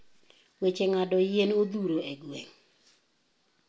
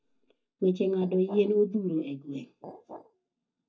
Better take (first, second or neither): first